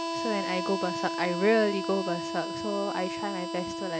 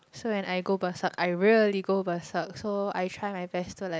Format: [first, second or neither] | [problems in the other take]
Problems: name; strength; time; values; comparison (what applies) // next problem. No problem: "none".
second | background sound (Harmonica); 3 dB below the speech